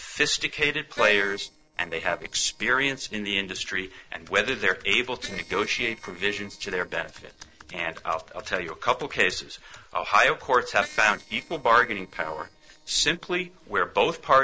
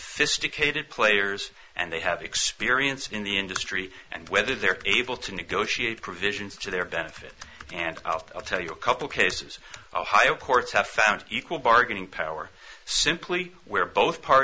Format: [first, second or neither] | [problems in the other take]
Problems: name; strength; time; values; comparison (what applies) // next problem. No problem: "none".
second | noise reduction (neural separator model SepFormer DNS4)